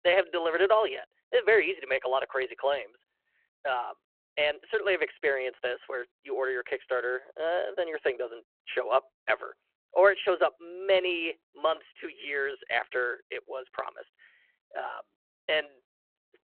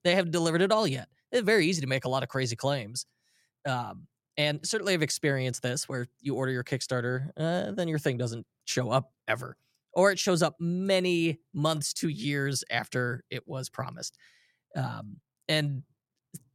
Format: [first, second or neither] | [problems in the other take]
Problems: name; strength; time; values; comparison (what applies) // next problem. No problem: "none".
second | phone-call audio